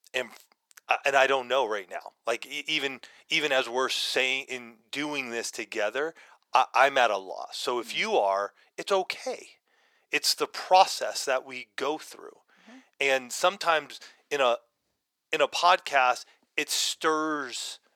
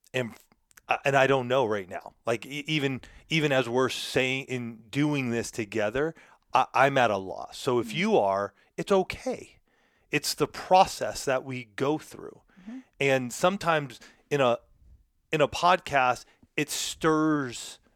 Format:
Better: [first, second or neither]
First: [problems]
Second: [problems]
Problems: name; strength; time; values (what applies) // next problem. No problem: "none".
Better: second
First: thin; somewhat; fading below 500 Hz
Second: none